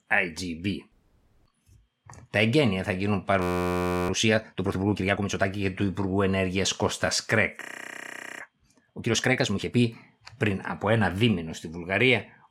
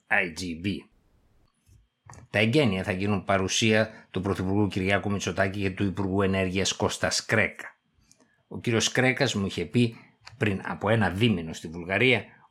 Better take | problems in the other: second | audio freezing; at 3.5 s for 0.5 s and at 7.5 s for 1 s

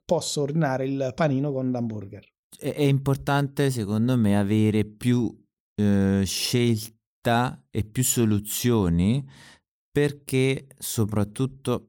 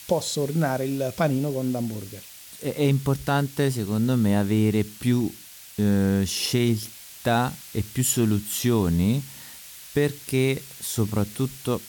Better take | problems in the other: first | hiss; noticeable; throughout; 15 dB below the speech

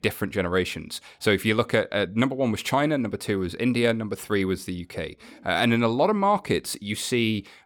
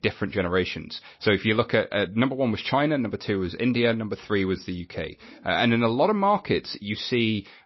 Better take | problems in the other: first | garbled, watery; slightly; nothing above 5.5 kHz

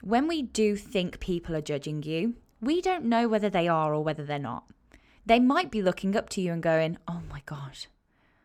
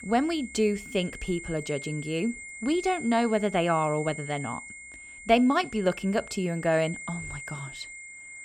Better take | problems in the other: first | high-pitched whine; noticeable; throughout; 2 kHz, 10 dB below the speech

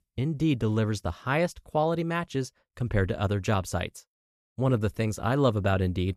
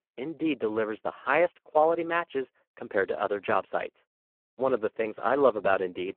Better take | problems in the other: first | phone-call audio; poor line

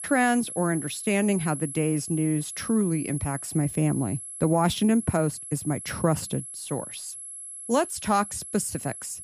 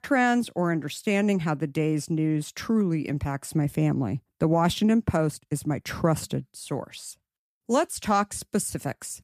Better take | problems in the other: second | high-pitched whine; loud; throughout; 11 kHz, 9 dB below the speech

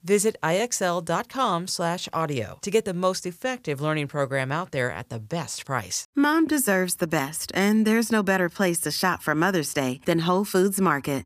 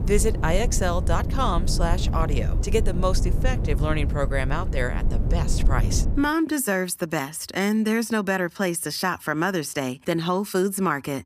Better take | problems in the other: first | low rumble; noticeable; until 6 s; 10 dB below the speech

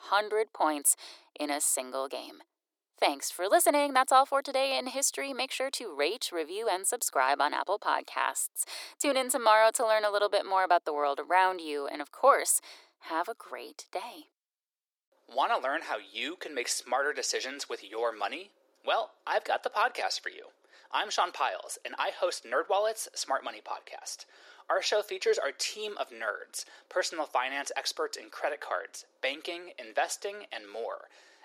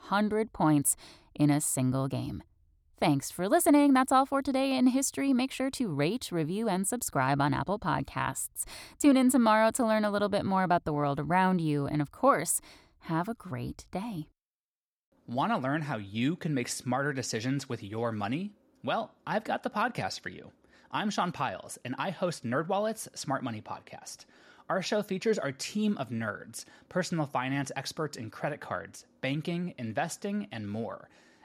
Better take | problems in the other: second | thin; very; fading below 400 Hz

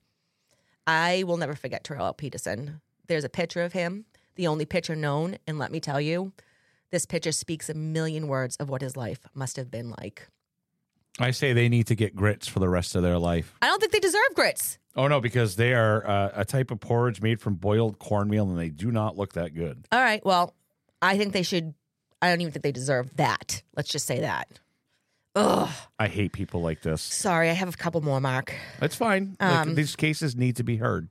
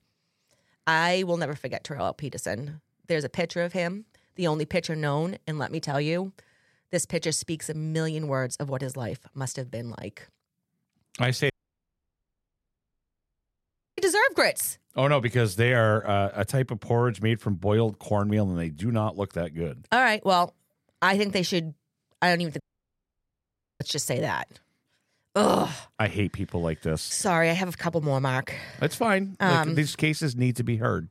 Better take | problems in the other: first | audio cutting out; at 12 s for 2.5 s and at 23 s for 1 s

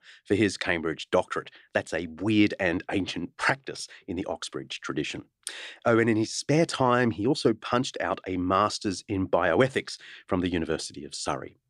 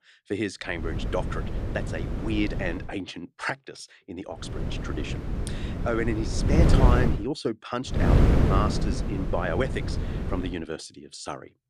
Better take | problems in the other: first | wind noise on the microphone; heavy; from 1 to 3 s, from 4.5 to 7 s and from 8 to 10 s; 3 dB below the speech

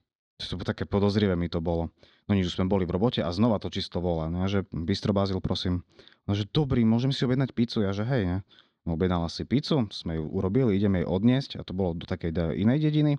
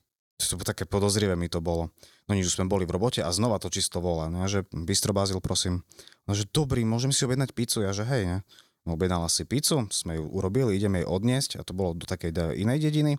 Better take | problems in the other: second | muffled; slightly; fading above 3.5 kHz

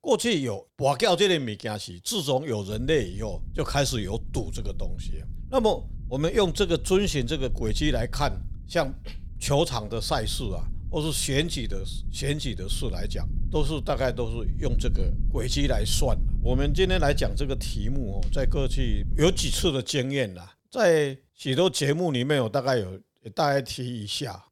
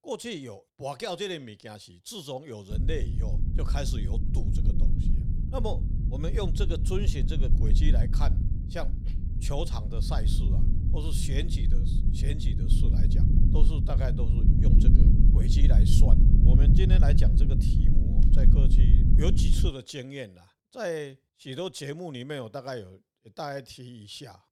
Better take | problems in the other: first | low rumble; loud; from 2.5 to 20 s; 3 dB below the speech; faint in the first

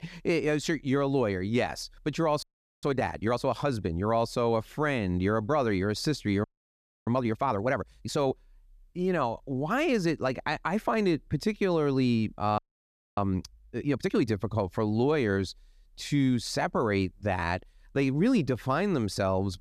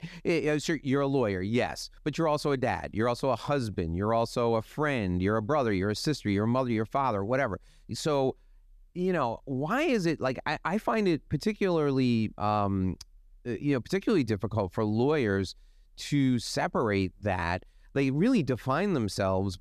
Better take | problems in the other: second | audio freezing; at 2.5 s, at 6.5 s for 0.5 s and at 13 s for 0.5 s

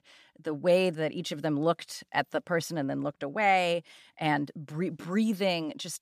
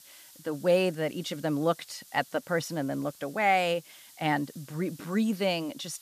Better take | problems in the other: first | hiss; faint; throughout; 20 dB below the speech

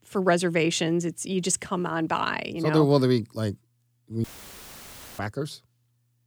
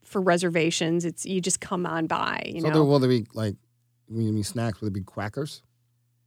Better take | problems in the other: second | audio cutting out; filled with static; at 4 s for 1 s

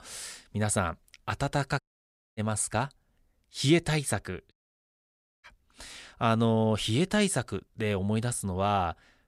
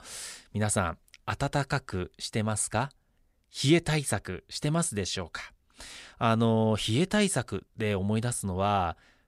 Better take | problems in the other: second | audio cutting out; at 2 s for 0.5 s and at 4.5 s for 1 s

